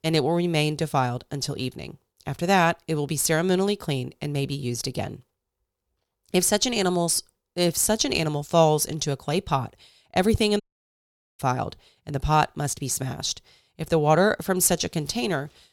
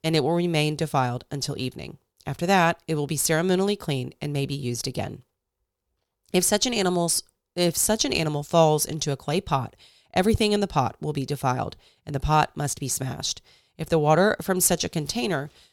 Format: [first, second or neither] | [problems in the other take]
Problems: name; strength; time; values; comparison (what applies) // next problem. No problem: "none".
second | audio cutting out; at 11 s for 1 s